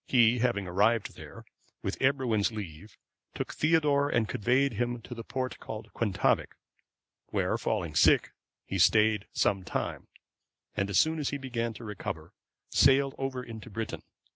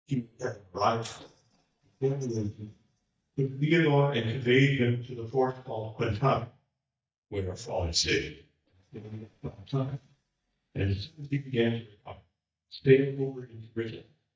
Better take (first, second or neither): first